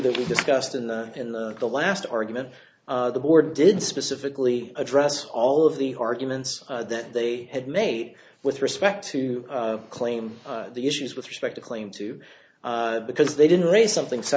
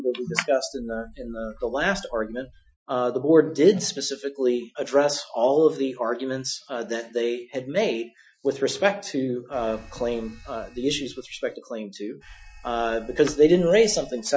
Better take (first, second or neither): first